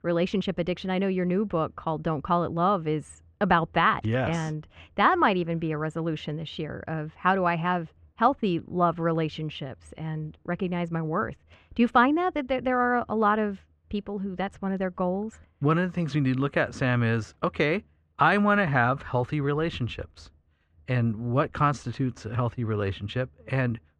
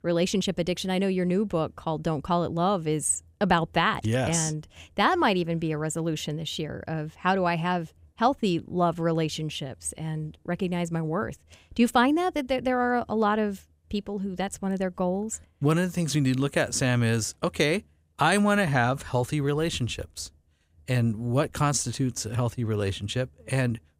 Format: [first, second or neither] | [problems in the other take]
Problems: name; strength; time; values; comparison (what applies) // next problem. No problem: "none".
second | muffled; very; fading above 2.5 kHz